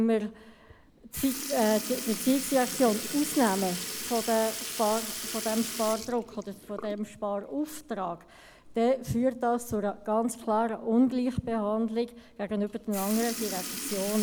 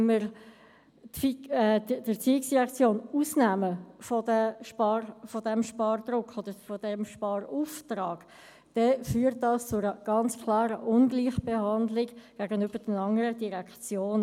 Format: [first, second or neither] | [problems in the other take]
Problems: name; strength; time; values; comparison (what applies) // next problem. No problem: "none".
second | background sound (Sink (filling or washing) / Liquid); 10 dB below the speech